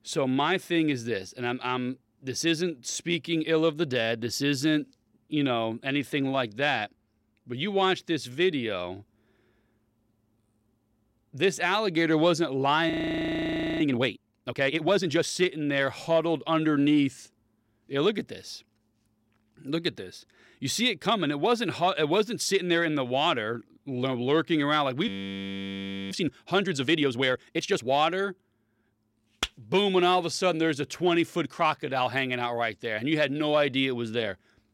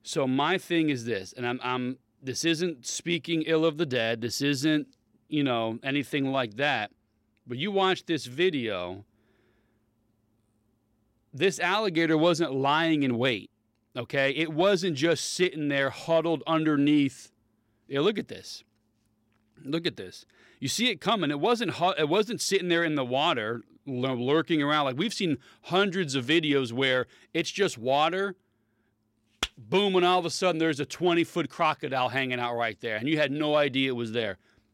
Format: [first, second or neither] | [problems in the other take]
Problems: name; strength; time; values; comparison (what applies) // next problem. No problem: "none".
second | audio freezing; at 13 s for 1 s and at 25 s for 1 s